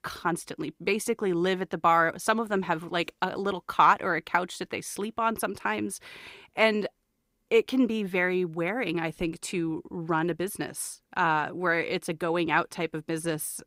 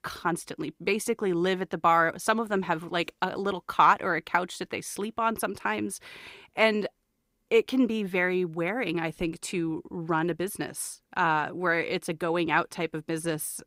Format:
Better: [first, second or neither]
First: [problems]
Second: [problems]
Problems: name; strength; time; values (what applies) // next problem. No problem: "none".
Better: neither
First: none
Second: none